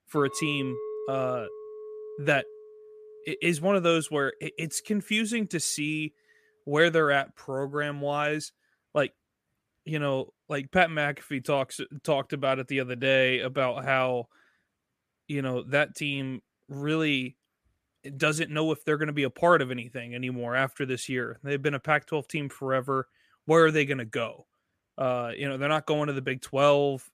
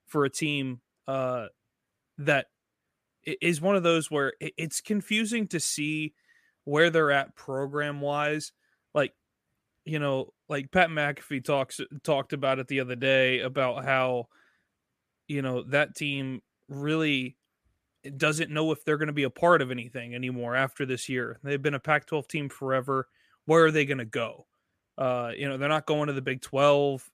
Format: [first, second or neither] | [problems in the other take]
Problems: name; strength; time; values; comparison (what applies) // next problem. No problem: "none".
second | clattering dishes; noticeable; until 3.5 s; peak 8 dB below the speech